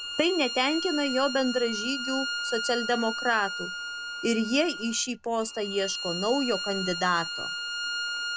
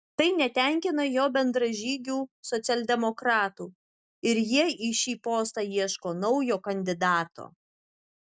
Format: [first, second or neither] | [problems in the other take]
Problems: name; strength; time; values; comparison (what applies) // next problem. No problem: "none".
second | background sound (Bowed string instrument); 5 dB below the speech